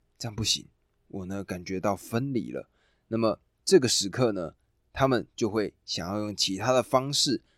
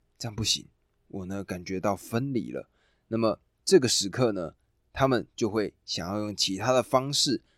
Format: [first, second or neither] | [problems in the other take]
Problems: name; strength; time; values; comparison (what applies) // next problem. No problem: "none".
neither | none